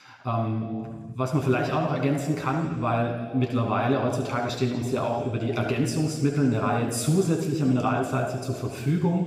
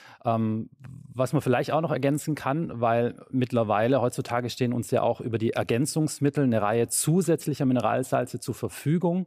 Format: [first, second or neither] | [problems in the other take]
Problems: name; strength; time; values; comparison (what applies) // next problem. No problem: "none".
second | room echo; noticeable; dies away in 1.6 s // off-mic speech; somewhat distant